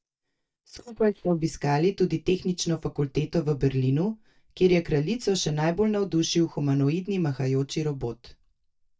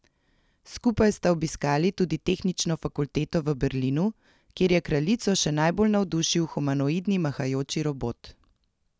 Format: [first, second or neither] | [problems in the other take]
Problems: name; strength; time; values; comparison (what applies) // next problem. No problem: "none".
second | noise reduction (neural mask model DeepFilterNet 3)